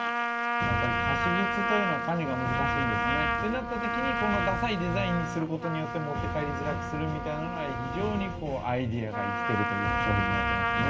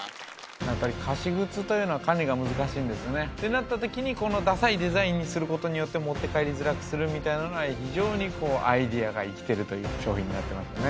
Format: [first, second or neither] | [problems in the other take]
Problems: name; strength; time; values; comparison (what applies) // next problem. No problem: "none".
second | background sound (Trumpet); 1 dB above the speech // room echo; dies away in 0.2 s